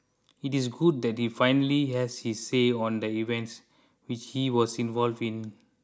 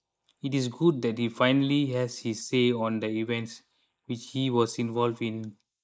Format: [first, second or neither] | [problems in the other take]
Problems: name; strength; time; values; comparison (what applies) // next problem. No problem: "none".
first | noise reduction (neural mask model Resemble Enhance denoiser)